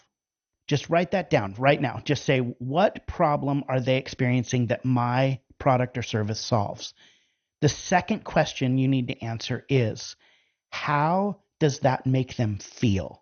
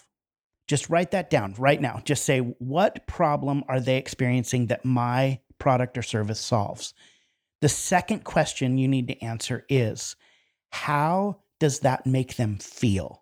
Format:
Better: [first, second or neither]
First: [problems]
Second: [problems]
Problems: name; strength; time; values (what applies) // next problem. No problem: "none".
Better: second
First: garbled, watery; slightly; nothing above 6.5 kHz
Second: none